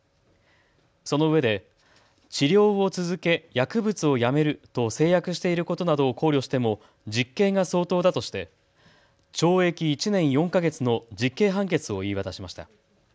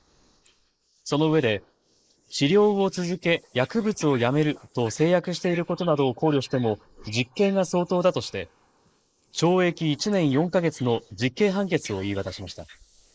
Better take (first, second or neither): first